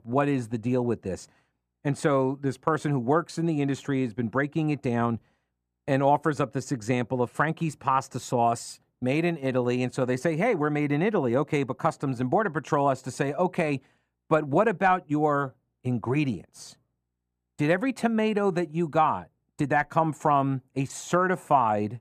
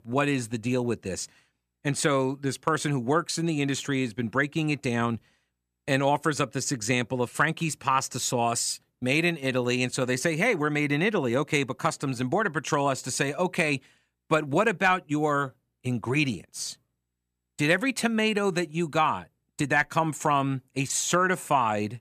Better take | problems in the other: second | muffled; slightly; fading above 2 kHz

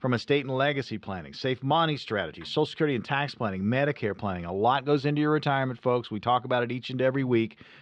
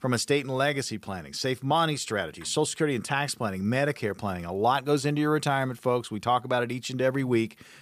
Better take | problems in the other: second | muffled; slightly; fading above 3.5 kHz

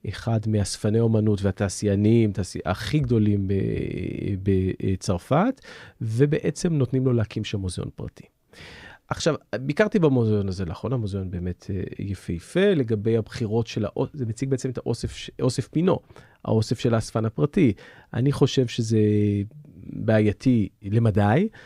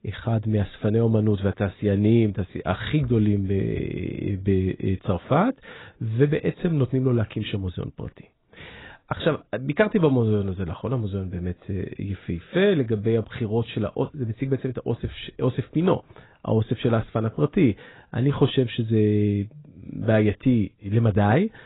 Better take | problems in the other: first | garbled, watery; badly; nothing above 4 kHz

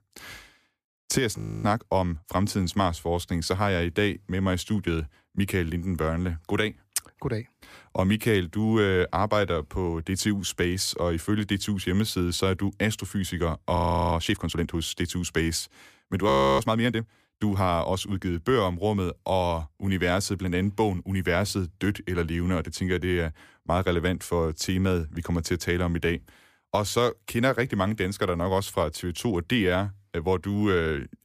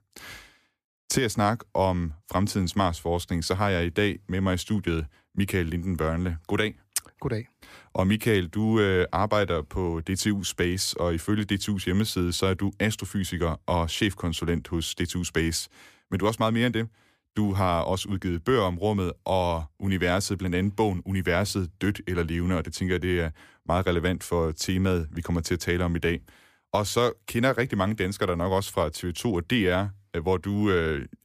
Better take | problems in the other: second | audio freezing; at 1.5 s, at 14 s and at 16 s

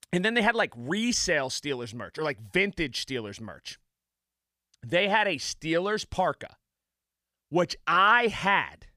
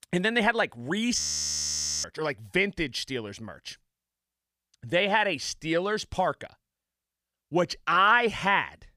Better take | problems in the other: first | audio freezing; at 1 s for 1 s

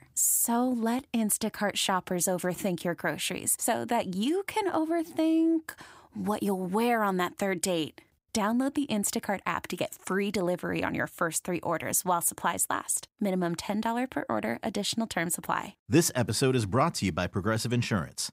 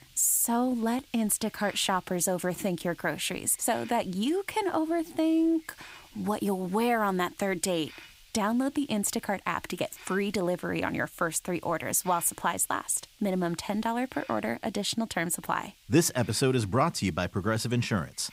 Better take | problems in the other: first | hiss; faint; throughout; 25 dB below the speech

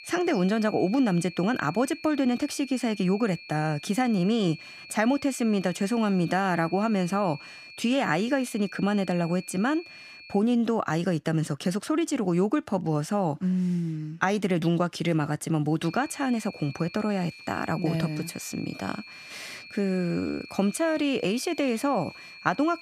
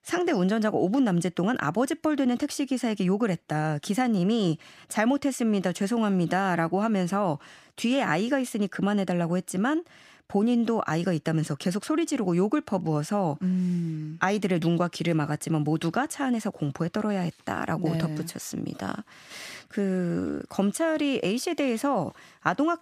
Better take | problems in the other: second | high-pitched whine; noticeable; until 10 s and from 16 s on; 2.5 kHz, 15 dB below the speech

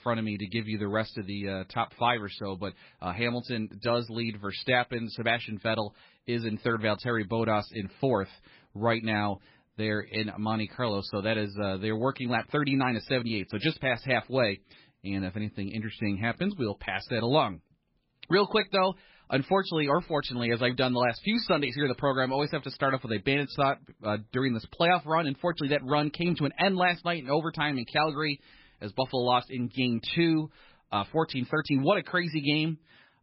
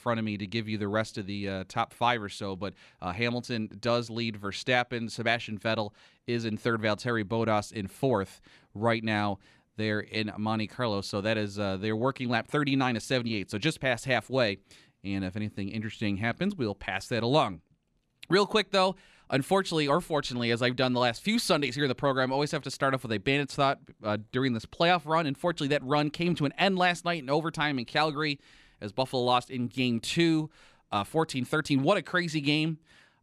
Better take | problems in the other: second | garbled, watery; badly; nothing above 4.5 kHz

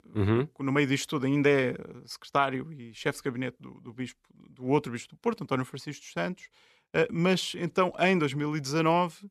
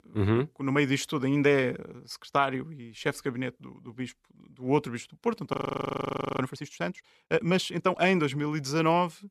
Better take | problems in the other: first | audio freezing; at 5.5 s for 1 s

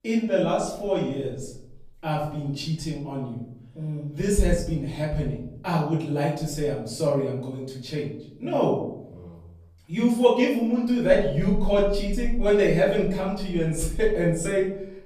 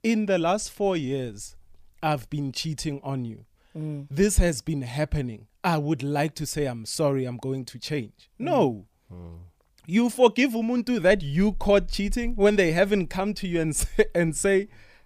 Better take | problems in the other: second | off-mic speech; far // room echo; noticeable; dies away in 0.7 s

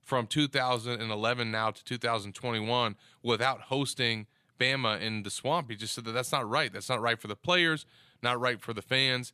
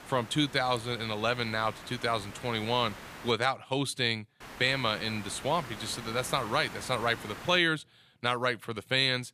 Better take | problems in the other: first | hiss; noticeable; until 3.5 s and from 4.5 to 7.5 s; 15 dB below the speech

